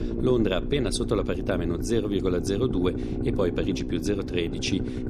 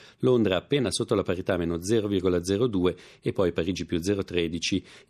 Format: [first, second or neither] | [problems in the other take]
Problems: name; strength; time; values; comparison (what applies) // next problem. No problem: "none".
second | low rumble; loud; throughout; 7 dB below the speech